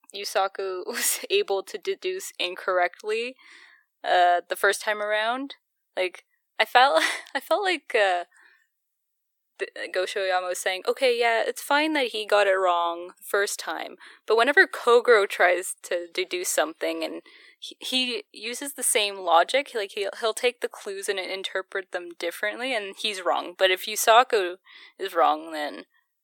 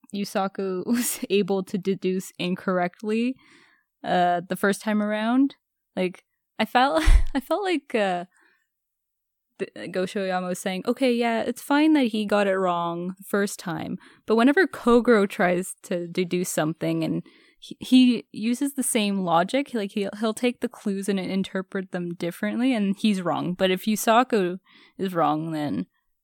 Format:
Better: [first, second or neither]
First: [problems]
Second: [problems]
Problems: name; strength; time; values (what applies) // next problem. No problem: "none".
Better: second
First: thin; very; fading below 400 Hz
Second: none